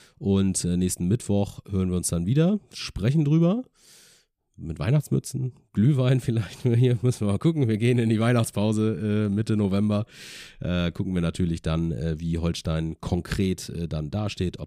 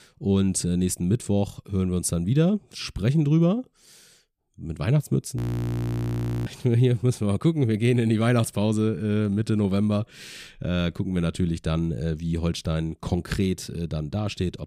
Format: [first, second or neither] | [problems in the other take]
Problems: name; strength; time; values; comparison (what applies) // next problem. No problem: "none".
first | audio freezing; at 5.5 s for 1 s